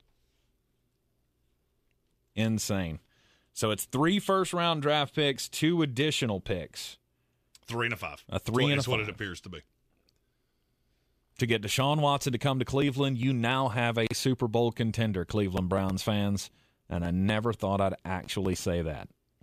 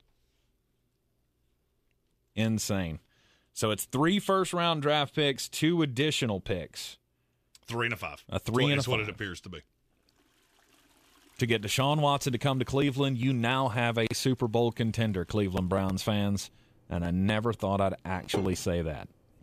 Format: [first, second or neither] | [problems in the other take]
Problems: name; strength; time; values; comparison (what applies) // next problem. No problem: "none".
first | household noises; noticeable; from 10 s on; 15 dB below the speech